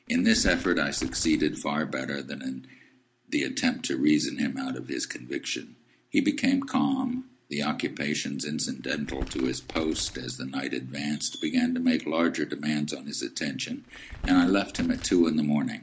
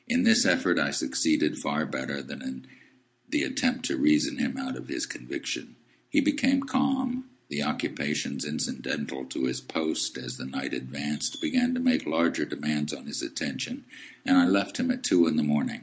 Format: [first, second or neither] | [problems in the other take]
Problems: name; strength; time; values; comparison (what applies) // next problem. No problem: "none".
second | background sound (Crumpling, crinkling); 13 dB below the speech